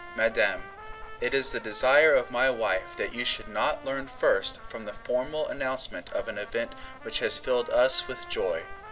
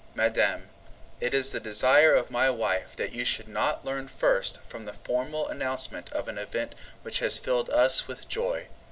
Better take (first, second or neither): second